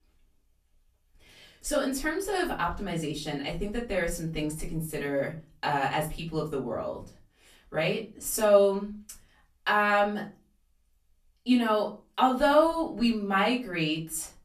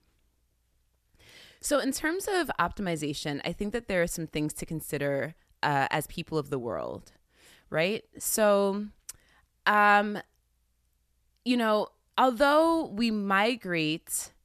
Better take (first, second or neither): second